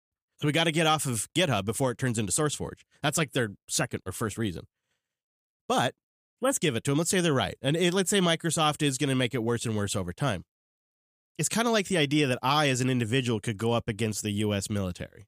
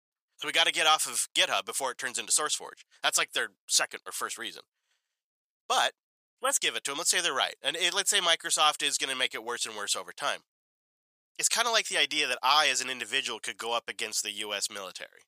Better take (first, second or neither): first